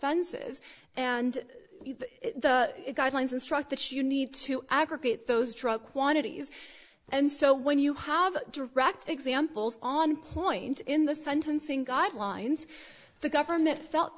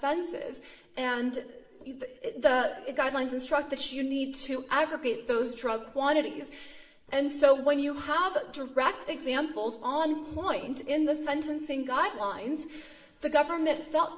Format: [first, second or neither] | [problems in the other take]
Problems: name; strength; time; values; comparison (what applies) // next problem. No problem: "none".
first | room echo; dies away in 0.8 s